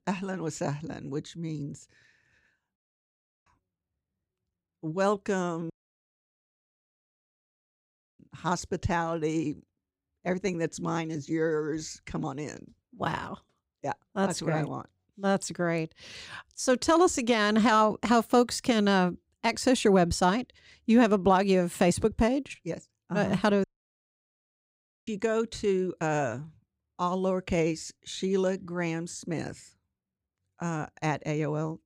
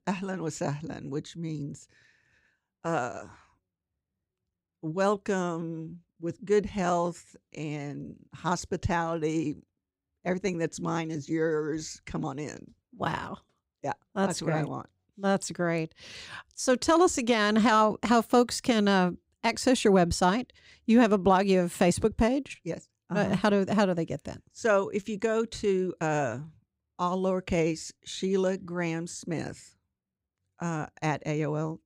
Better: second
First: audio cutting out; at 3 s for 0.5 s, at 5.5 s for 2.5 s and at 24 s for 1.5 s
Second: none

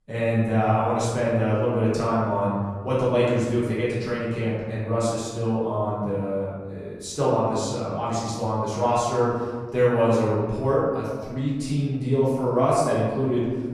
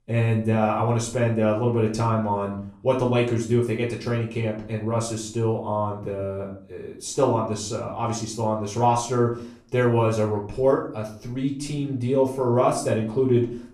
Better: second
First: room echo; strong; dies away in 1.5 s // off-mic speech; far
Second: room echo; slight; dies away in 0.4 s // off-mic speech; far

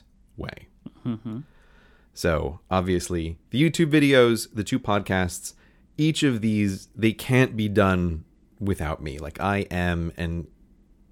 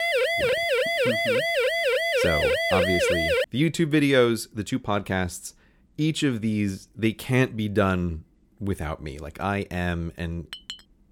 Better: first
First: none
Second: siren; loud; until 3.5 s; peak 4 dB above the speech // clattering dishes; faint; at 11 s; peak 10 dB below the speech

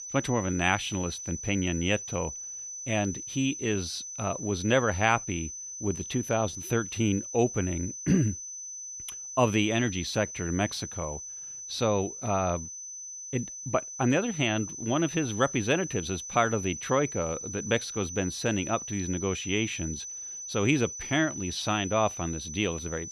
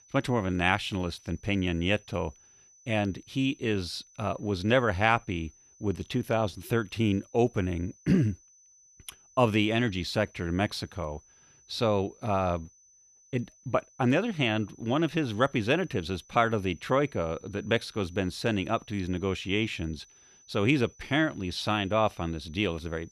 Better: second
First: high-pitched whine; loud; throughout; 6 kHz, 8 dB below the speech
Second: high-pitched whine; faint; throughout; 6 kHz, 25 dB below the speech

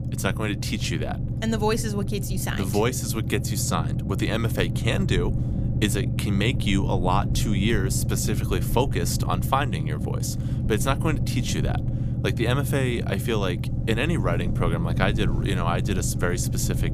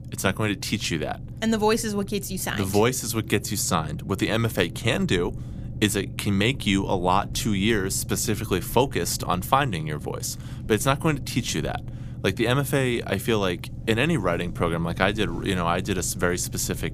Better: second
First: low rumble; loud; throughout; 10 dB below the speech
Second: low rumble; faint; throughout; 20 dB below the speech

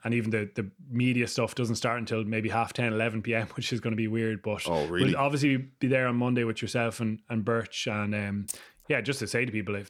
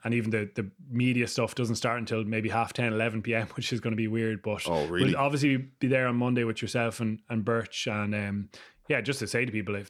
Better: second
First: jangling keys; noticeable; at 8.5 s; peak 10 dB below the speech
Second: none

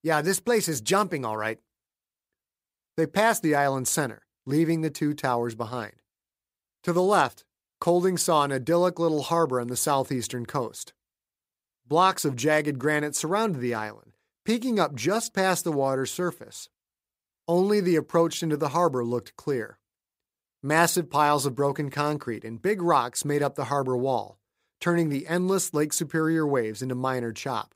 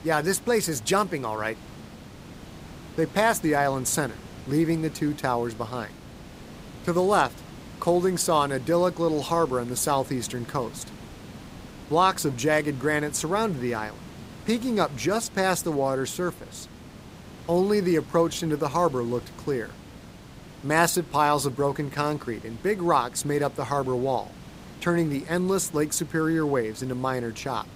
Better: first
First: none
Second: hiss; noticeable; throughout; 20 dB below the speech

